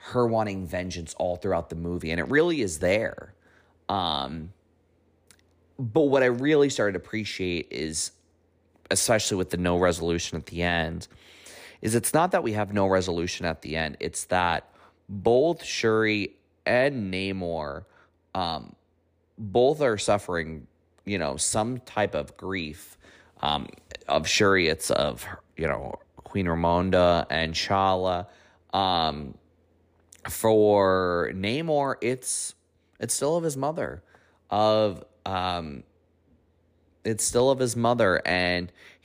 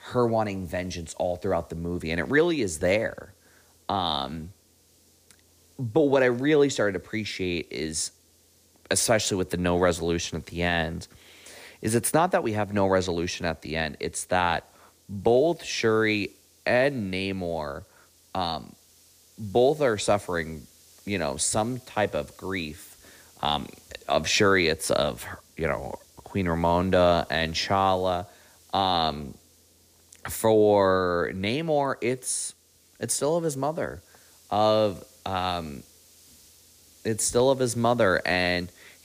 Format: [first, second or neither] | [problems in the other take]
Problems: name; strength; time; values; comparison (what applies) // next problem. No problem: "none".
first | hiss; faint; throughout; 30 dB below the speech